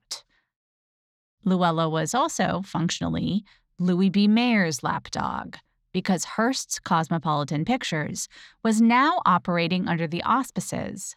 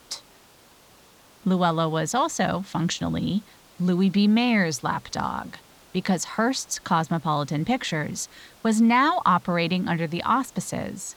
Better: first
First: none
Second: hiss; faint; throughout; 25 dB below the speech

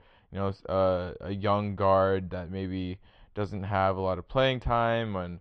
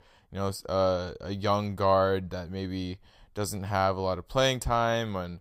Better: second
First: muffled; slightly; fading above 3 kHz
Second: none

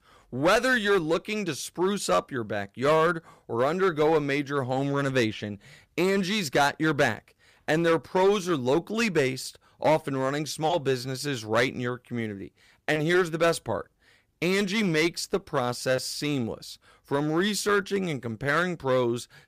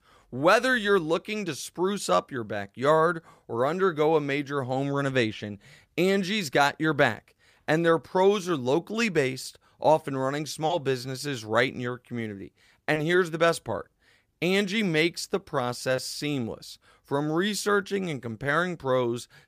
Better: second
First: distortion; slight; 5% of the sound clipped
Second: none

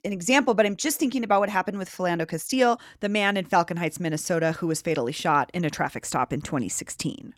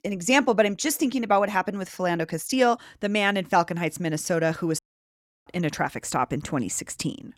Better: first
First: none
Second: audio cutting out; at 5 s for 0.5 s

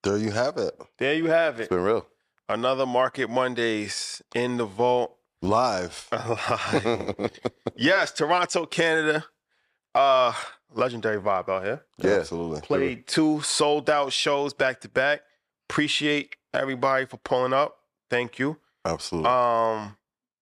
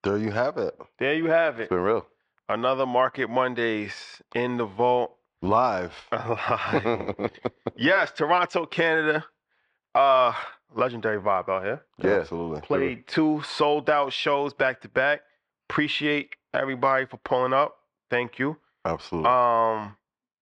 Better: first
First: none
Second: muffled; slightly; fading above 2.5 kHz

